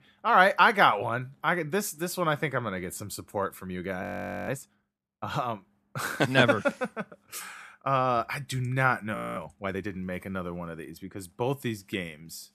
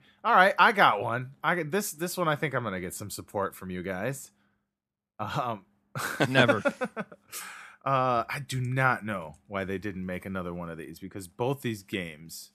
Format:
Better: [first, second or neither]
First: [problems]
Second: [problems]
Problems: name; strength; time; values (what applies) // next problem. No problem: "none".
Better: second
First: audio freezing; at 4 s and at 9 s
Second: none